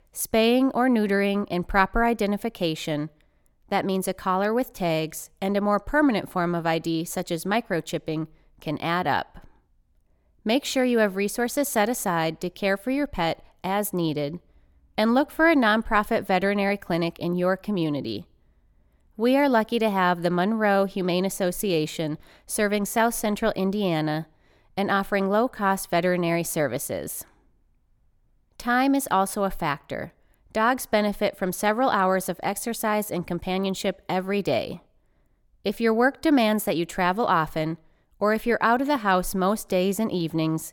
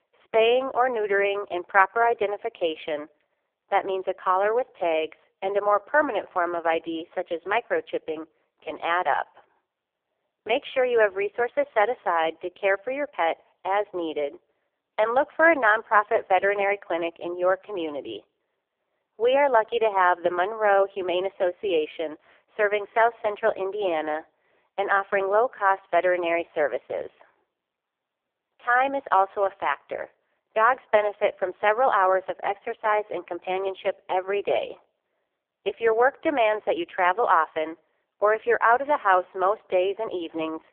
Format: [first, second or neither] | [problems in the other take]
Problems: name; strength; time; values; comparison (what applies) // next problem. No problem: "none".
first | phone-call audio; poor line; nothing above 3.5 kHz